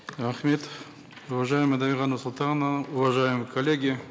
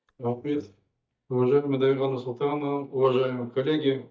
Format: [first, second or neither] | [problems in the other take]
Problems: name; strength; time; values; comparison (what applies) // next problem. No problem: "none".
first | noise reduction (neural mask model DeepFilterNet 3)